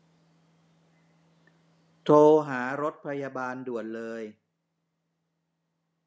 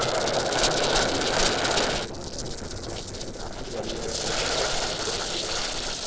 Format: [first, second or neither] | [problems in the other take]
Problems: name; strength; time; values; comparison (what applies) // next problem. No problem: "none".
first | noise reduction (neural separator model SepFormer DNS4)